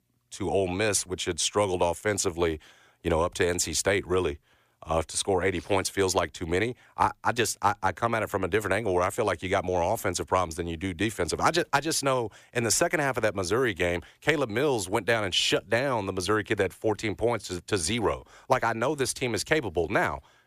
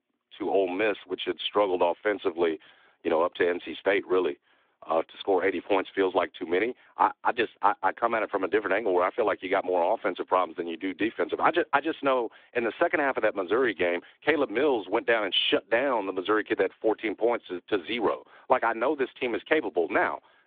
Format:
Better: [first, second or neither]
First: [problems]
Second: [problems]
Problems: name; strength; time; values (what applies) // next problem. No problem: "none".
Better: first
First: none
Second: phone-call audio